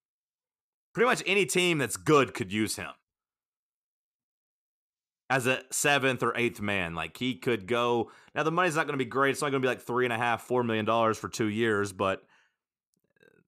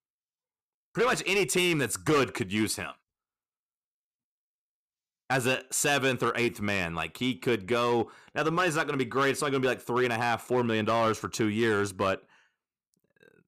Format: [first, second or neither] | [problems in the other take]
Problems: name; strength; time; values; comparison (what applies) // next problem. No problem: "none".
first | distortion; slight; 5% of the sound clipped